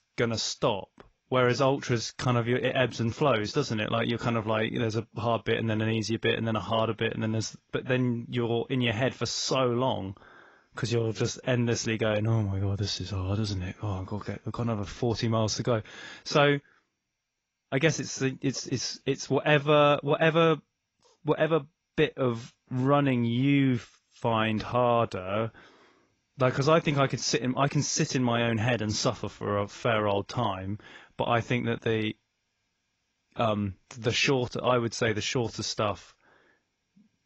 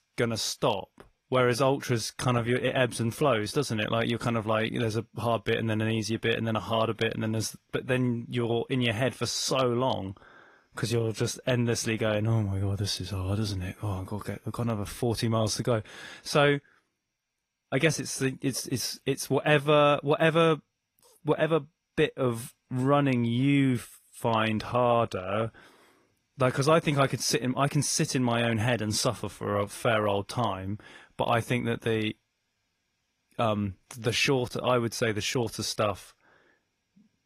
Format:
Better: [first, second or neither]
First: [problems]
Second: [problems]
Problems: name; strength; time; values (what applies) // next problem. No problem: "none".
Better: second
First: garbled, watery; badly; nothing above 7 kHz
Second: garbled, watery; slightly; nothing above 15 kHz